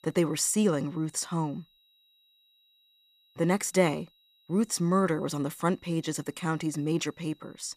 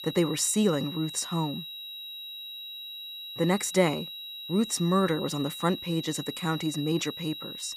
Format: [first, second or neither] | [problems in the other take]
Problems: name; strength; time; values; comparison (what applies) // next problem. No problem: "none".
first | high-pitched whine; loud; throughout; 4 kHz, 9 dB below the speech; faint in the first